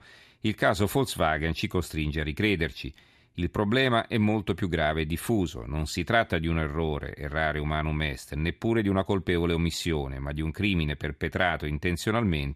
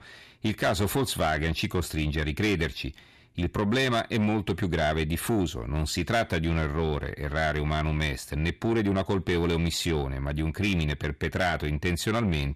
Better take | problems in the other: first | distortion; slight; 10 dB below the speech

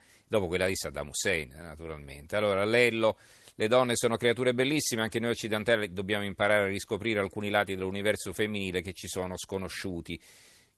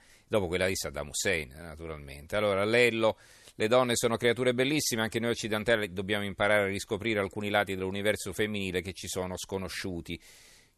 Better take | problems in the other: second | garbled, watery; slightly; nothing above 13 kHz

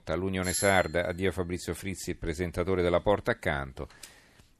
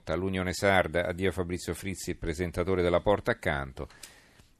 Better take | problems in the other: second | doorbell; noticeable; at 0.5 s; peak 3 dB below the speech

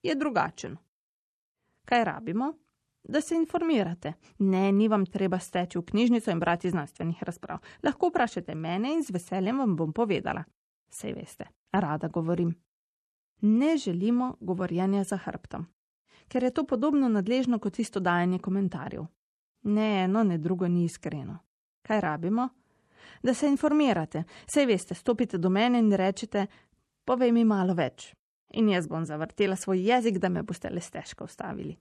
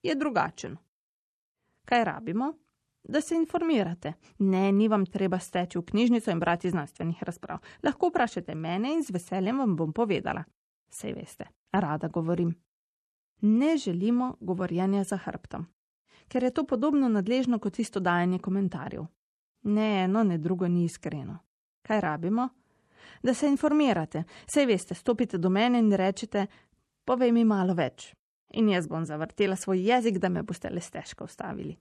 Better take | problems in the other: neither | none

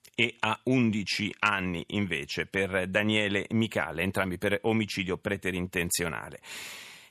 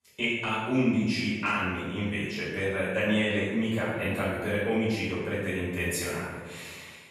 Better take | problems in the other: first | room echo; strong; dies away in 1.1 s // off-mic speech; far

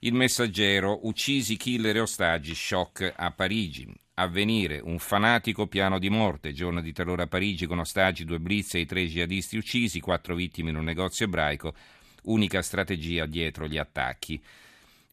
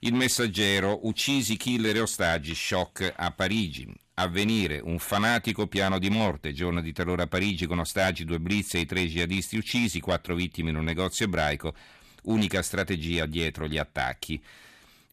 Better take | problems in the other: first | distortion; slight; 4% of the sound clipped

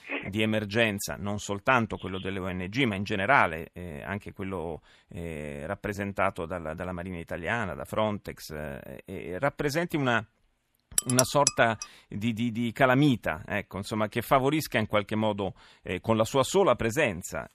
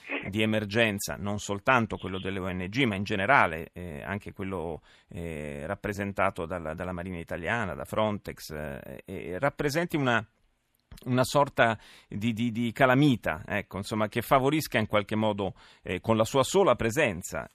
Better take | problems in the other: second | clattering dishes; loud; at 11 s; peak 3 dB above the speech

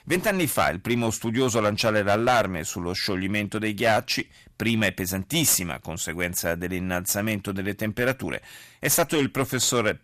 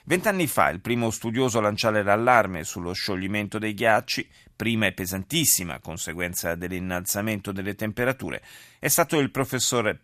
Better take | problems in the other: second | distortion; slight; 5% of the sound clipped

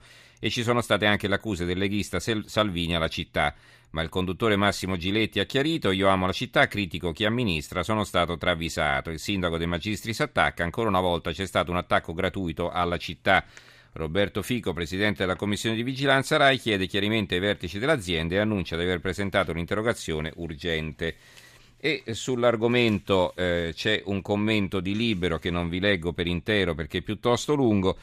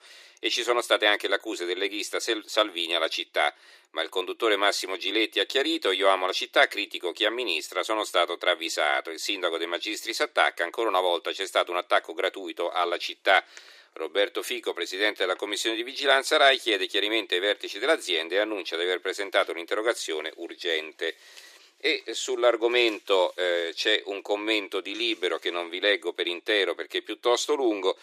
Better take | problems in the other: first | thin; very; fading below 350 Hz

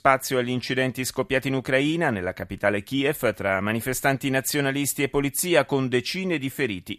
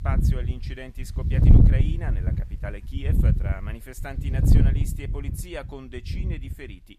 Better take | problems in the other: first | wind noise on the microphone; heavy; 3 dB above the speech

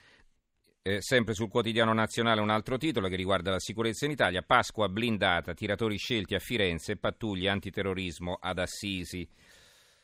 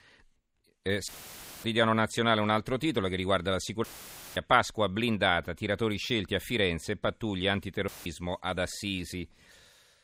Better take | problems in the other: first | audio cutting out; filled with static; at 1 s for 0.5 s, at 4 s for 0.5 s and at 8 s

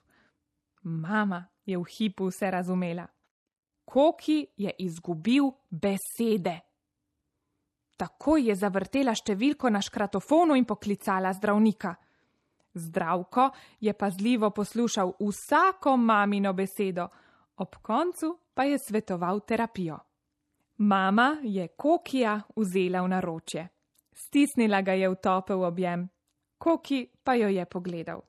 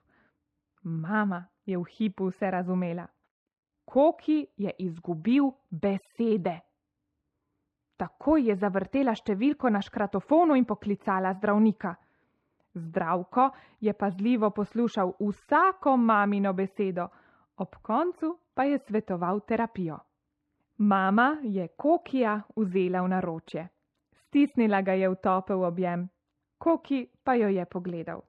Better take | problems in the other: first | muffled; very; fading above 2 kHz

